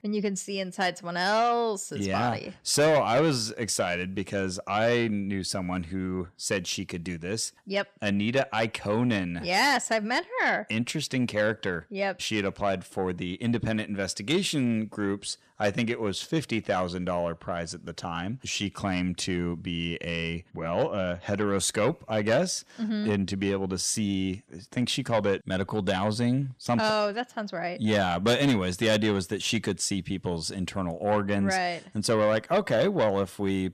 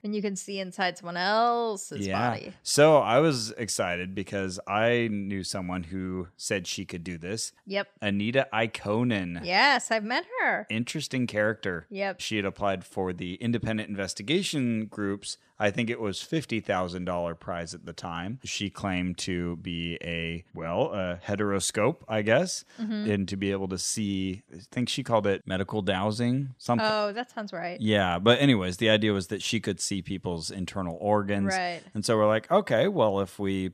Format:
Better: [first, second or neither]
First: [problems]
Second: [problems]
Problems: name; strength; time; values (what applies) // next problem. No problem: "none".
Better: second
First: distortion; slight; 10 dB below the speech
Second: none